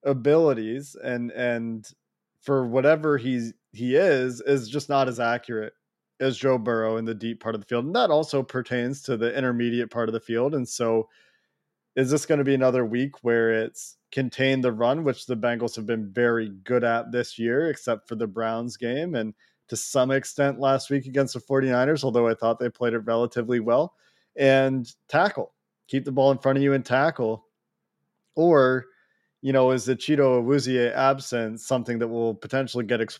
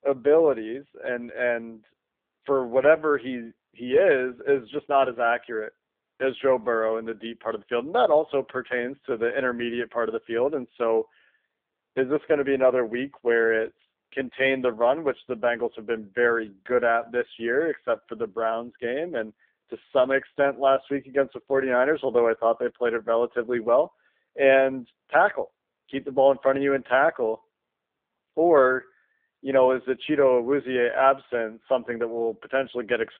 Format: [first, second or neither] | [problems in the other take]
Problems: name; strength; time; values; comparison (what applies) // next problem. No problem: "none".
first | phone-call audio; poor line; nothing above 3.5 kHz